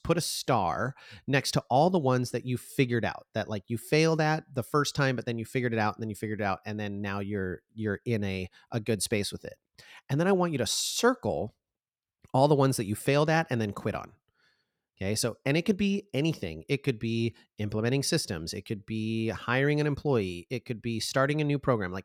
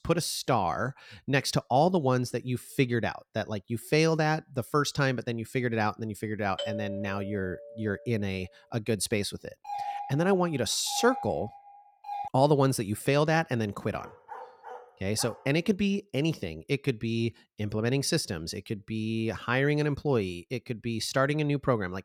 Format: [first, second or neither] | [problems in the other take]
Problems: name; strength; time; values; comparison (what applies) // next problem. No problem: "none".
first | doorbell; noticeable; from 6.5 to 8 s and from 9.5 to 12 s; peak 6 dB below the speech // dog barking; faint; from 14 to 15 s; peak 15 dB below the speech